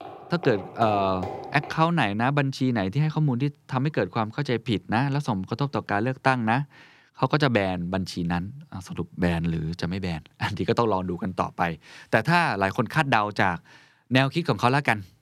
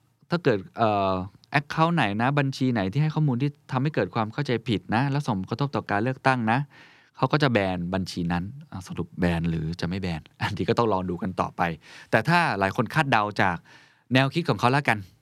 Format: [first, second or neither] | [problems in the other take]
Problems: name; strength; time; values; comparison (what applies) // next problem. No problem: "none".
second | footsteps; noticeable; until 1.5 s; peak 9 dB below the speech